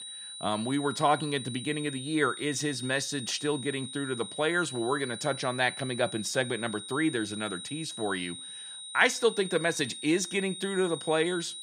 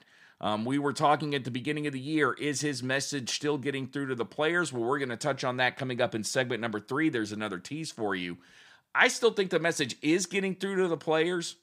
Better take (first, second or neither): second